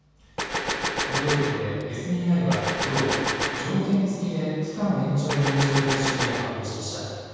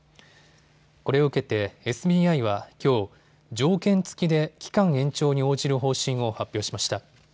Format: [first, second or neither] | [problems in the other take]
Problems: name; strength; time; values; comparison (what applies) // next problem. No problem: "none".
second | background sound (Gunshot, gunfire); 3 dB below the speech // room echo; dies away in 2.1 s